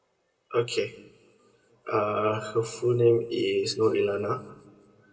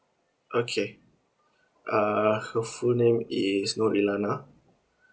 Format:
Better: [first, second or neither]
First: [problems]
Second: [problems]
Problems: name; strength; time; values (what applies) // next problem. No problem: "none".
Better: second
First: room echo; dies away in 2.9 s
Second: none